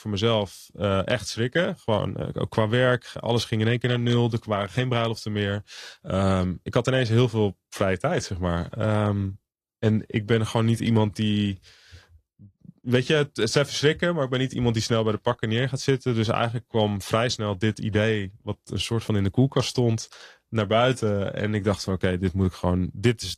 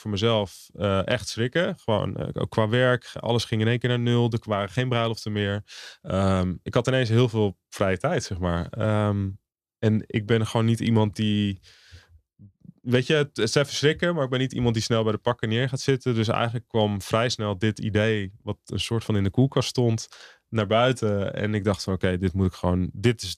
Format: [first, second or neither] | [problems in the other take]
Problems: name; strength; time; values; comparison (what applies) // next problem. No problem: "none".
second | garbled, watery; slightly; nothing above 14.5 kHz